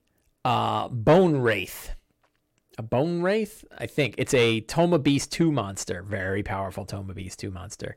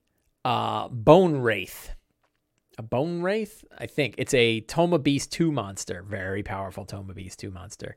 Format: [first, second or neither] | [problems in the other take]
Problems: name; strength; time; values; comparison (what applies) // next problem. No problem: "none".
second | distortion; slight; 10 dB below the speech